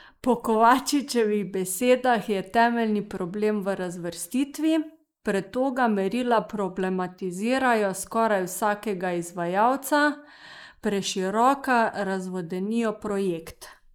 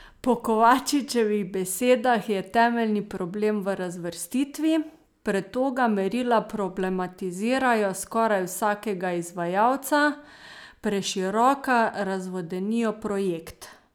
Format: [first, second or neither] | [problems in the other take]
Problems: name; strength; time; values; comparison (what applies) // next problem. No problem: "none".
second | noise reduction (neural mask model Resemble Enhance denoiser)